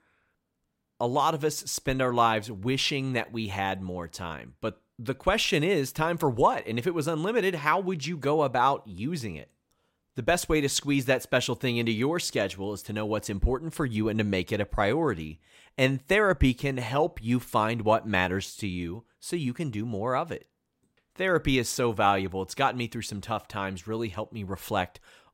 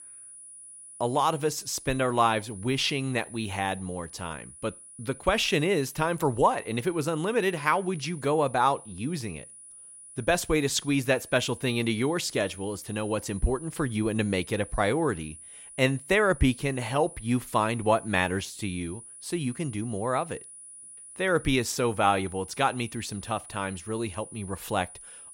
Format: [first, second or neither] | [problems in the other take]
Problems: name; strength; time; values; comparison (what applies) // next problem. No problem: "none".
first | high-pitched whine; noticeable; throughout; 10 kHz, 15 dB below the speech